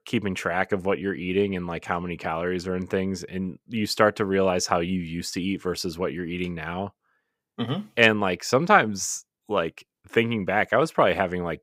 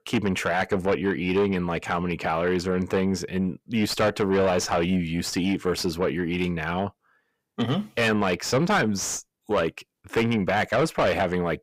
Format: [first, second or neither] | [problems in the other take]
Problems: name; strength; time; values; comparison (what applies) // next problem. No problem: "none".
first | distortion; heavy; 6 dB below the speech